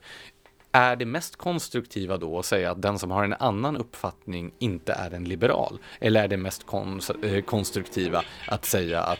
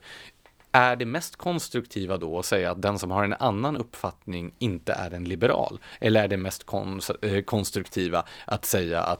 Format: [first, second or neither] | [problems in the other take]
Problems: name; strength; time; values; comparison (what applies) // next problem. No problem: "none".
second | household noises; noticeable; throughout; 15 dB below the speech